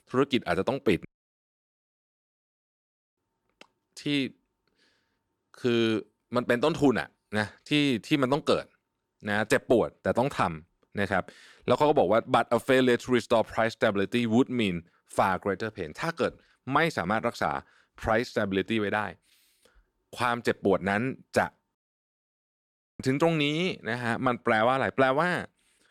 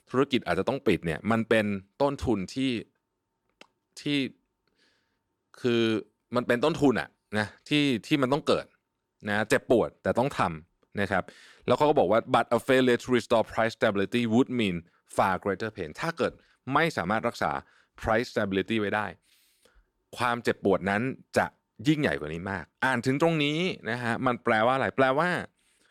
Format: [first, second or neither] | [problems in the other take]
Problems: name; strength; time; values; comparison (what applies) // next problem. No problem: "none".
second | audio cutting out; at 1 s for 2 s and at 22 s for 1 s